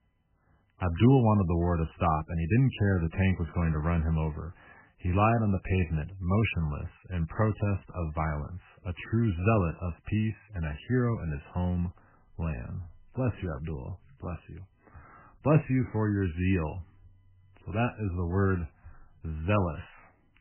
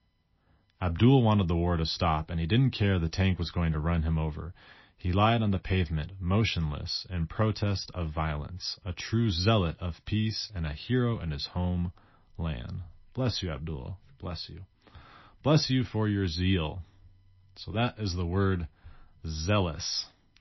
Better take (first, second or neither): second